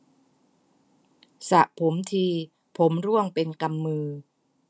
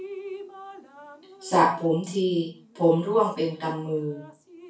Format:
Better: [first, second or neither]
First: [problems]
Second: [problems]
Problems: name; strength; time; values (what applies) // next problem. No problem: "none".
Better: first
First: none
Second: background sound (Drip); 17 dB below the speech // room echo; dies away in 0.3 s